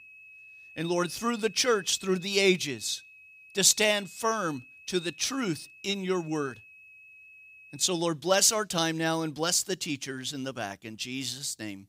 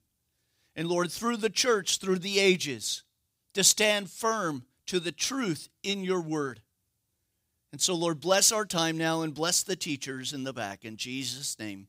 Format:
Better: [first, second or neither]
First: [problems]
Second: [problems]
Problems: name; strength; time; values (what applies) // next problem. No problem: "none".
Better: second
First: high-pitched whine; faint; until 8 s; 2.5 kHz, 20 dB below the speech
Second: none